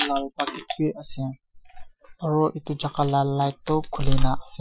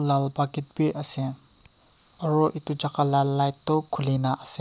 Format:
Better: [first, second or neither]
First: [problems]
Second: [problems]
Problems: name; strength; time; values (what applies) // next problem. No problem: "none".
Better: second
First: noise reduction (classical method Wiener filter)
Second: none